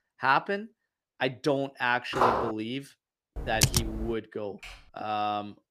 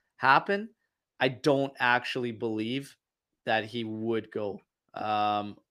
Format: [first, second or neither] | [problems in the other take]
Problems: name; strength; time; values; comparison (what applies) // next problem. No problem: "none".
second | footsteps; loud; at 2 s; peak 5 dB above the speech // keyboard typing; loud; at 3.5 s; peak 5 dB above the speech // keyboard typing; faint; at 4.5 s; peak 15 dB below the speech